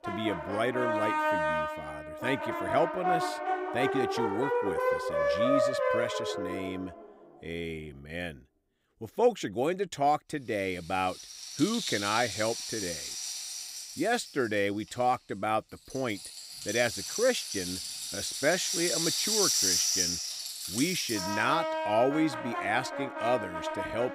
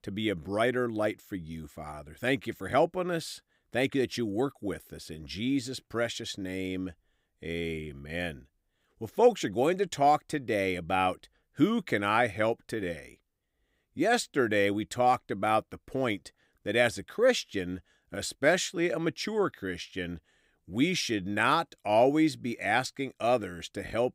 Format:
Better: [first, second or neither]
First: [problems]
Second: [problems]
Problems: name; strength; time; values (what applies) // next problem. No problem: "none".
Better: second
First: background music; very loud; throughout; 1 dB above the speech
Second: none